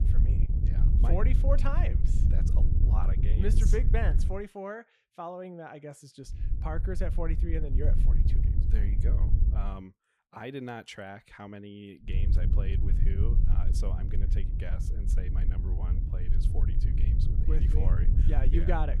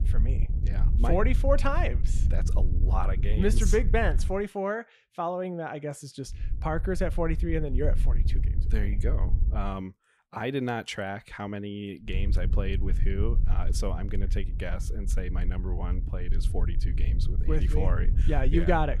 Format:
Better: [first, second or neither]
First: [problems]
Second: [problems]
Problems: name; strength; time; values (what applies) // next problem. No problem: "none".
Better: second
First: wind noise on the microphone; heavy; until 4.5 s, from 6.5 to 9.5 s and from 12 s on; 5 dB below the speech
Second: wind noise on the microphone; occasional gusts; until 4.5 s, from 6.5 to 9.5 s and from 12 s on; 15 dB below the speech